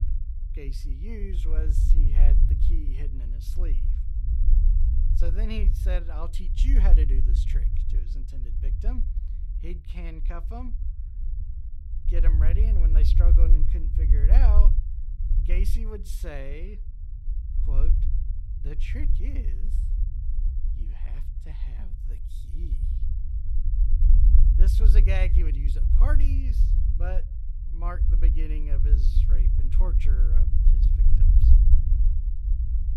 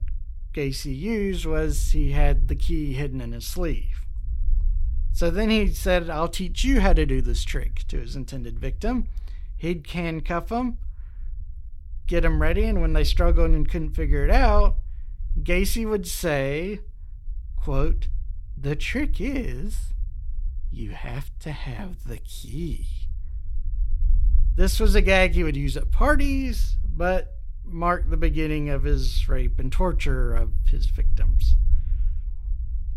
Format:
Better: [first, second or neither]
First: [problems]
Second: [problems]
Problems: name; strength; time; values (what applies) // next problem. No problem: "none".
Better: second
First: low rumble; loud; throughout; 4 dB below the speech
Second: low rumble; faint; throughout; 25 dB below the speech